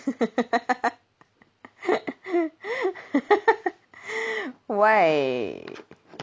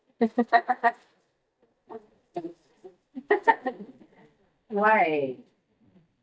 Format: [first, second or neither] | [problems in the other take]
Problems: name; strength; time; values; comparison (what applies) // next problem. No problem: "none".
first | noise reduction (neural mask model DeepFilterNet 3)